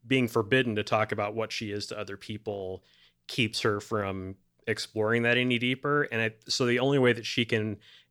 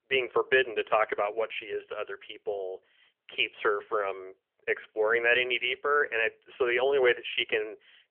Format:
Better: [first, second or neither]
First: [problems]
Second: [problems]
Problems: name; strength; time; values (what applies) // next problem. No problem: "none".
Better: first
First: none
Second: phone-call audio; nothing above 3 kHz